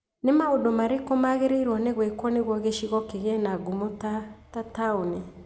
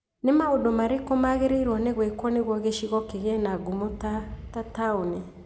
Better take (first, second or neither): first